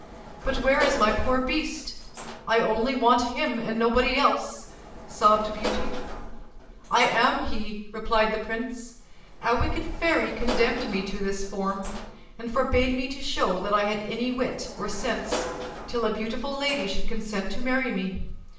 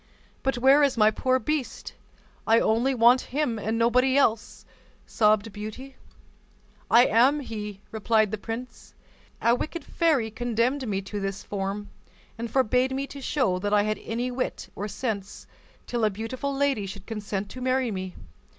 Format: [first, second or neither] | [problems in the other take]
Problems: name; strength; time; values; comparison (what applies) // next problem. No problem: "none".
second | background sound (Sliding door / Slam); 13 dB below the speech // room echo; dies away in 0.7 s